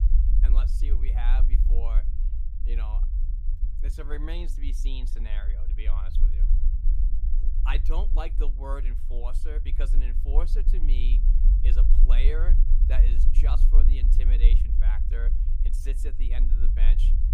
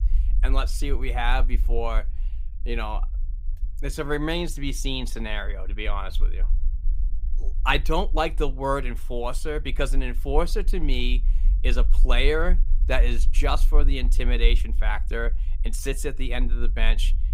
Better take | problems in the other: second | low rumble; loud; throughout; 7 dB below the speech; faint in the second

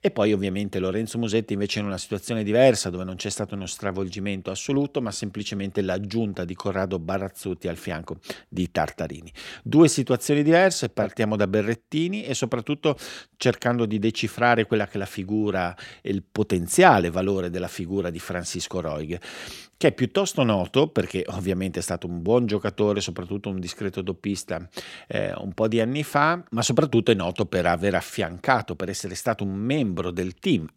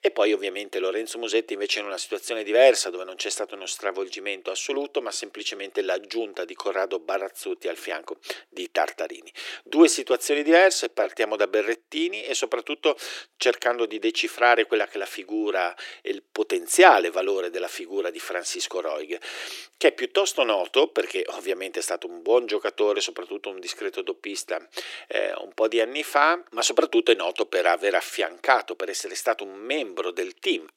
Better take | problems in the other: first | thin; very; fading below 350 Hz

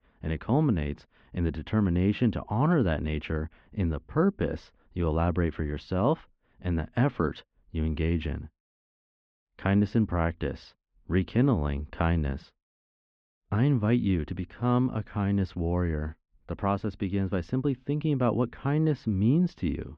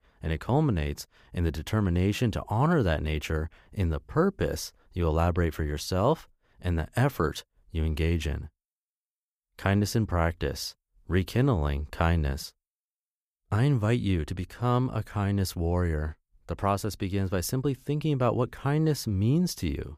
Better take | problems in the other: second | muffled; very; fading above 3.5 kHz

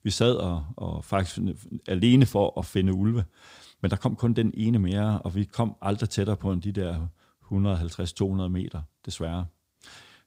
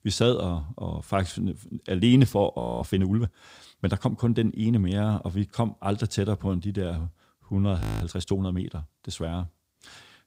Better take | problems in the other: first | audio freezing; at 2.5 s and at 8 s

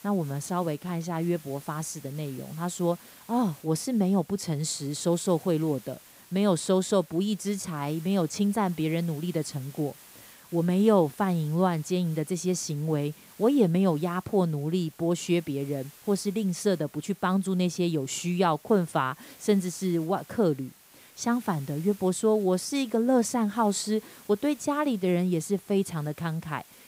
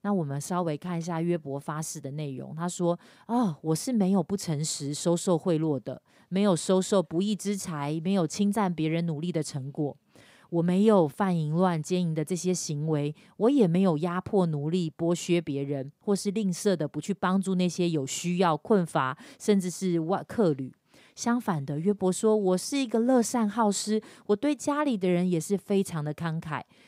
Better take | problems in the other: second | hiss; faint; throughout; 25 dB below the speech

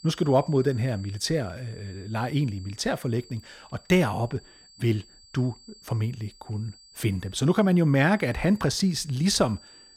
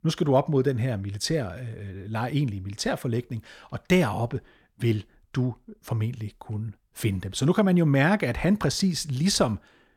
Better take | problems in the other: second | high-pitched whine; faint; throughout; 4.5 kHz, 25 dB below the speech

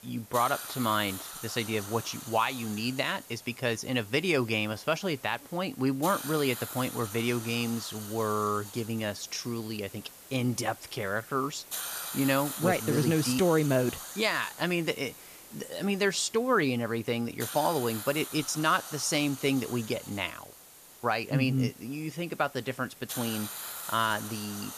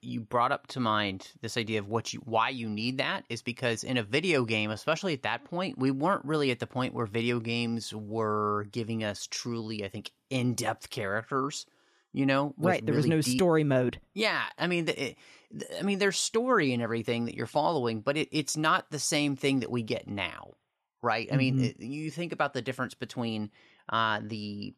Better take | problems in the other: second | hiss; noticeable; throughout; 10 dB below the speech

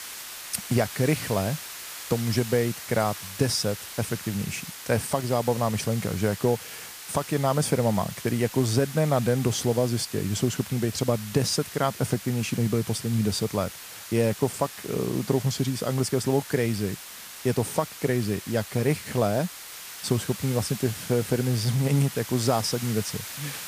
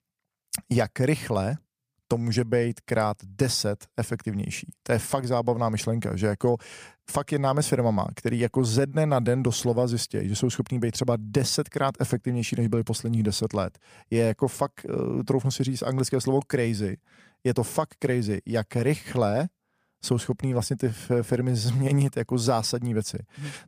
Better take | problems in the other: second | hiss; noticeable; throughout; 10 dB below the speech

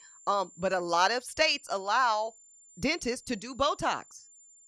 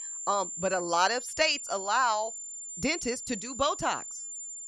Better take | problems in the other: first | high-pitched whine; loud; throughout; 7 kHz, 8 dB below the speech; faint in the first

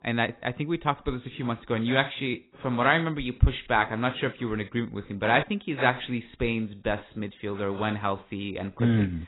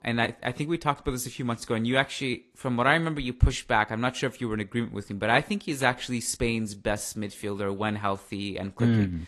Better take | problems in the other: second | garbled, watery; badly; nothing above 4 kHz; slightly in the second

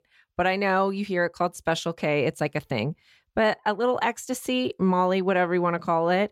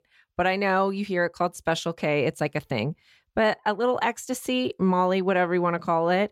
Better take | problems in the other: neither | none

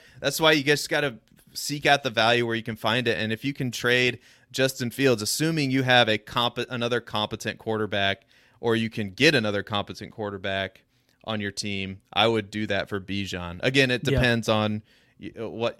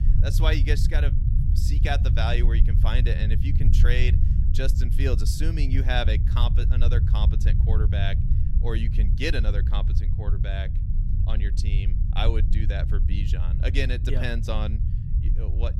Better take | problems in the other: first | low rumble; loud; throughout; 8 dB below the speech

